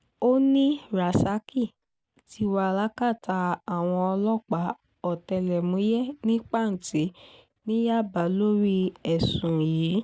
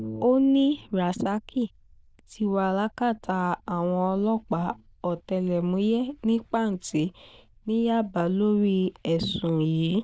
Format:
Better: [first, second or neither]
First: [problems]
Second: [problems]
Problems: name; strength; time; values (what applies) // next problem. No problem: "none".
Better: first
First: none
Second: noise reduction (neural diffusion model UNIVERSE++)